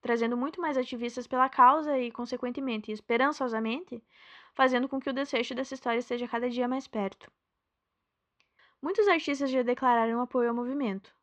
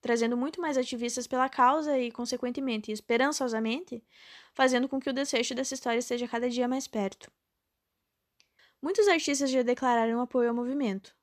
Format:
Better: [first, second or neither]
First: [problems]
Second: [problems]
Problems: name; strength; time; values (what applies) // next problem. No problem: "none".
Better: second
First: muffled; slightly; fading above 3 kHz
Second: none